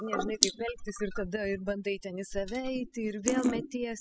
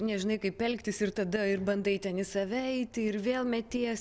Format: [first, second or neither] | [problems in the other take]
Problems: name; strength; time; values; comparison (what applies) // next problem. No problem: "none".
second | noise reduction (classical method spectral subtraction)